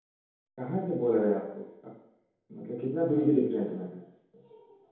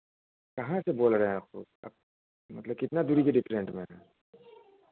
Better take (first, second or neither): second